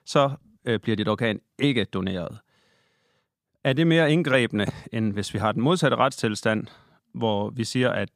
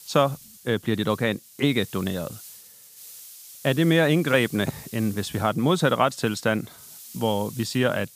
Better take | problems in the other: first | hiss; noticeable; throughout; 20 dB below the speech

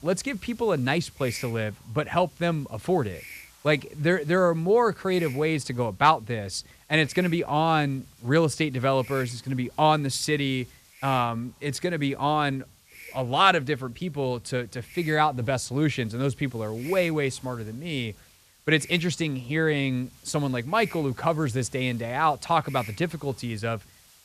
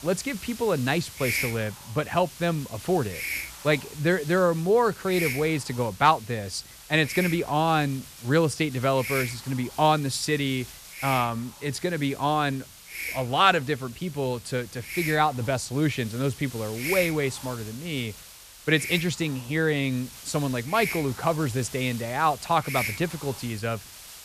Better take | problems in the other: first | hiss; loud; throughout; 10 dB below the speech; faint in the first

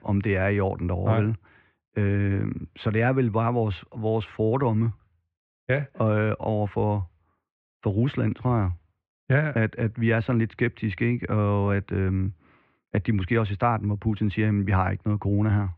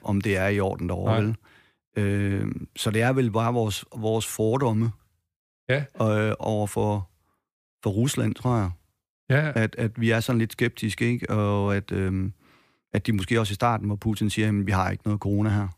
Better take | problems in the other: second | muffled; very; fading above 2.5 kHz

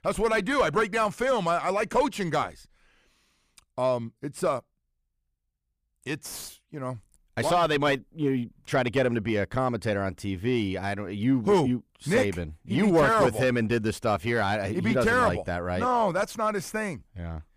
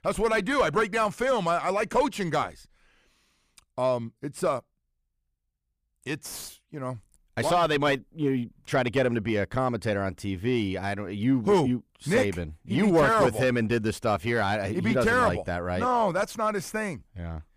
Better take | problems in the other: neither | distortion; slight; 10 dB below the speech; the same in both

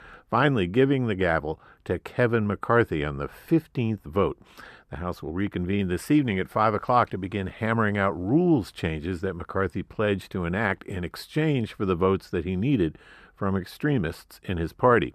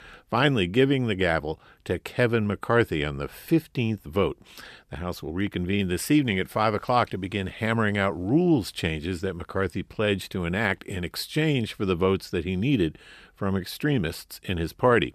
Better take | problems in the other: second | muffled; slightly; fading above 2 kHz

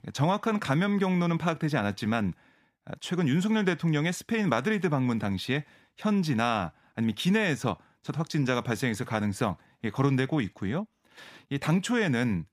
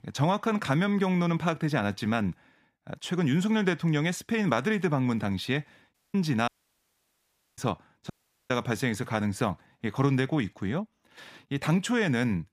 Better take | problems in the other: first | audio cutting out; at 6 s, at 6.5 s for 1 s and at 8 s

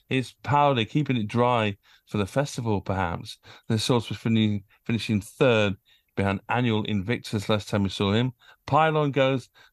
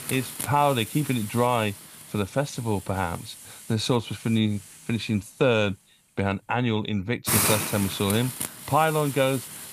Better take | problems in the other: first | hiss; loud; throughout; 4 dB below the speech

